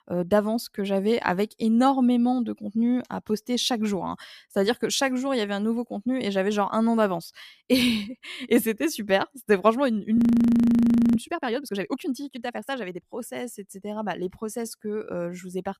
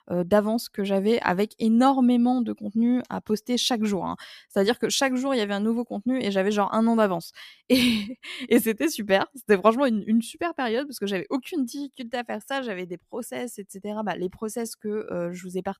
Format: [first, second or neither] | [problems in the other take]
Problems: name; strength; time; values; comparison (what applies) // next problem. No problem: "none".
second | audio freezing; at 10 s for 1 s